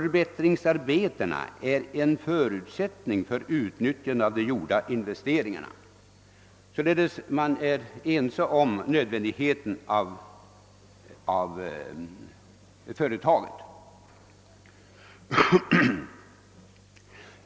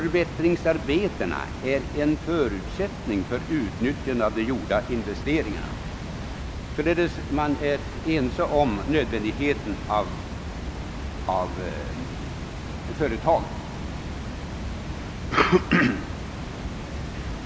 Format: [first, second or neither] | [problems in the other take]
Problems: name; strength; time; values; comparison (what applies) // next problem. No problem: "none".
first | background sound (Water); 6 dB below the speech